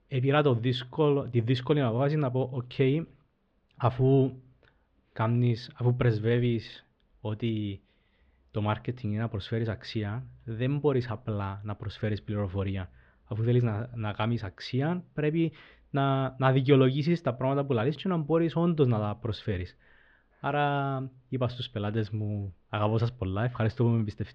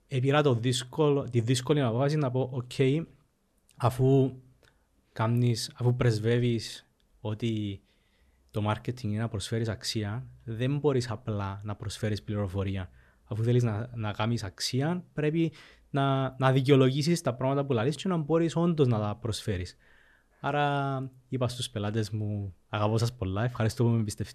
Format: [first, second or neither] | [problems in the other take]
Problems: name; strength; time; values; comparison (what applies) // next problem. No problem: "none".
second | muffled; slightly; fading above 3.5 kHz